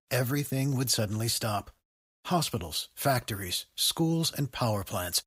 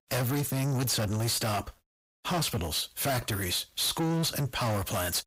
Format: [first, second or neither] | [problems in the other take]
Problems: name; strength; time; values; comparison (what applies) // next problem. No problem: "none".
first | distortion; heavy; 7 dB below the speech